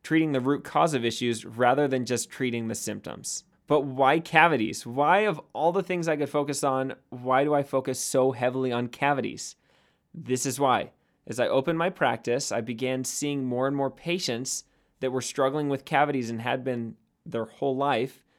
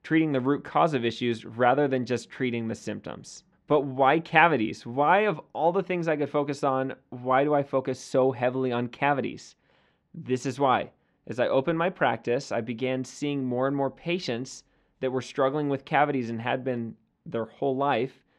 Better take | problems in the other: first | muffled; slightly; fading above 3.5 kHz

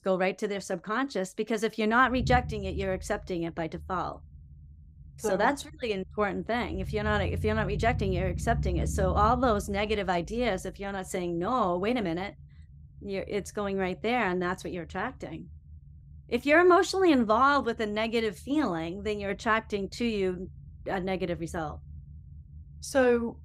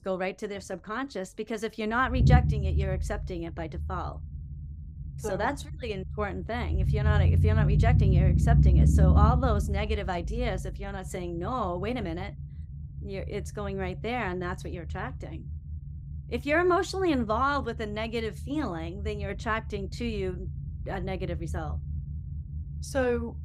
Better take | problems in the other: first | low rumble; loud; throughout; 9 dB below the speech; faint in the first

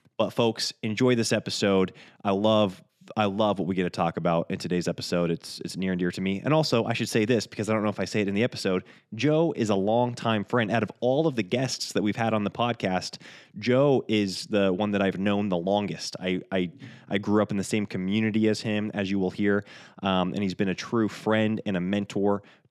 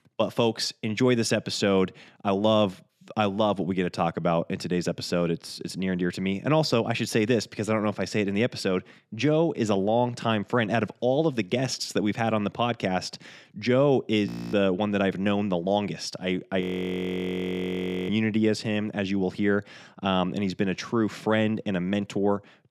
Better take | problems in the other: first | audio freezing; at 14 s and at 17 s for 1.5 s

